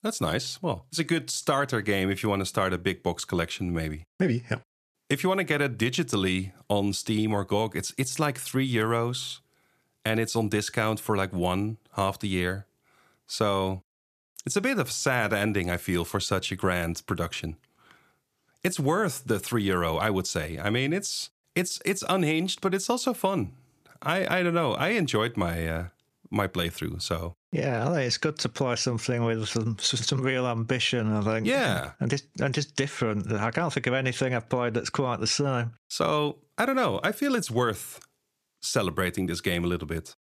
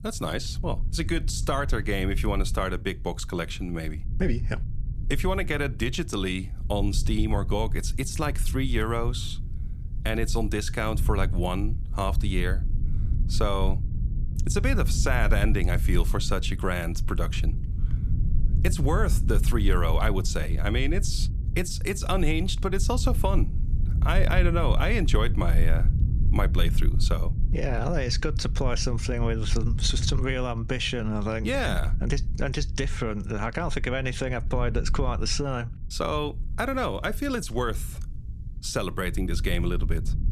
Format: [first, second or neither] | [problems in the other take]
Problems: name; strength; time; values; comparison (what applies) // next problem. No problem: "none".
first | low rumble; noticeable; throughout; 15 dB below the speech